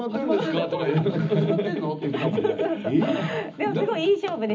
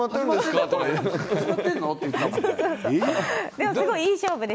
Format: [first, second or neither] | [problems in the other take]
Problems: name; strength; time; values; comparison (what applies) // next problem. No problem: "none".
second | room echo; dies away in 0.4 s